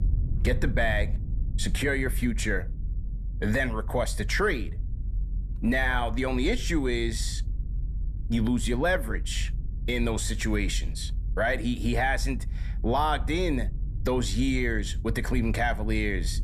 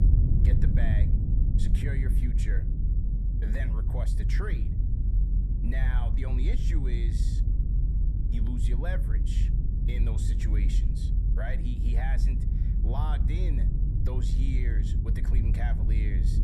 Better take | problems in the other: first | low rumble; loud; throughout; 2 dB below the speech; faint in the first

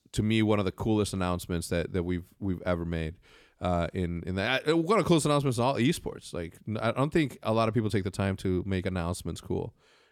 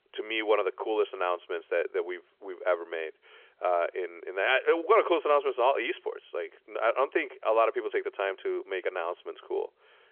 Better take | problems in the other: first | phone-call audio; nothing above 3.5 kHz

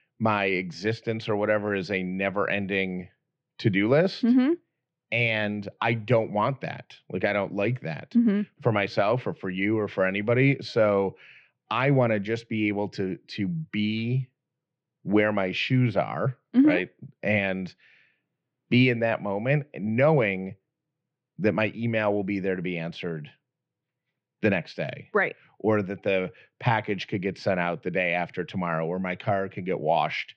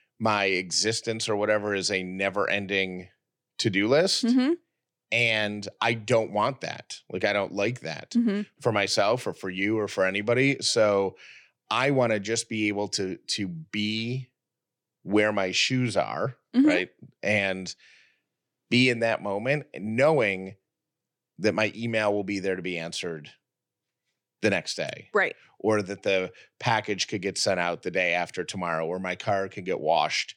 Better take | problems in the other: second | muffled; slightly; fading above 3 kHz

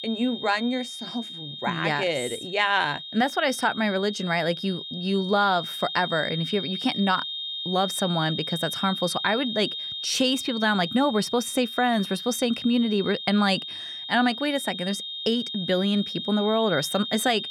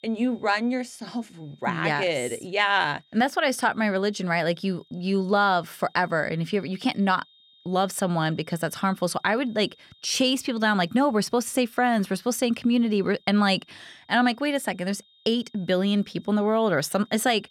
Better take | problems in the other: second | high-pitched whine; loud; throughout; 3.5 kHz, 7 dB below the speech; faint in the second

